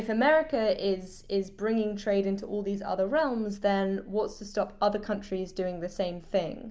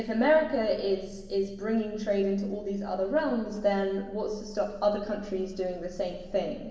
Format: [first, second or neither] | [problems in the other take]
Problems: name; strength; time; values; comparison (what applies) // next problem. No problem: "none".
first | room echo; dies away in 1.1 s